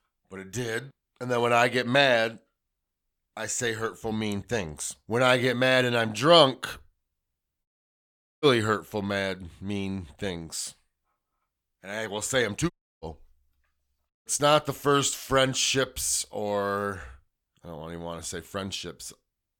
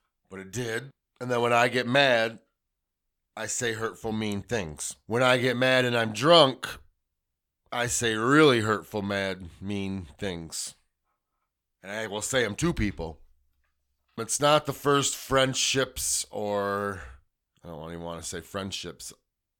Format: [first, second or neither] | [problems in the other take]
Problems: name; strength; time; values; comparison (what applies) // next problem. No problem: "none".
second | audio cutting out; at 7.5 s for 1 s, at 13 s and at 14 s